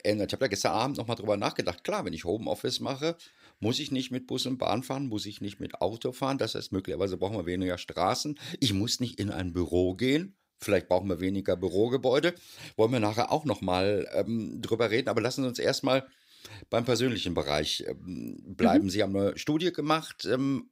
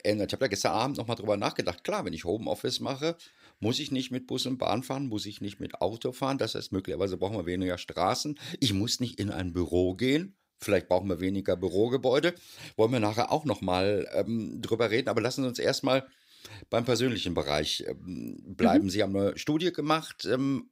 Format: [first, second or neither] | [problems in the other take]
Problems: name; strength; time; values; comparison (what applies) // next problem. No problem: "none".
neither | none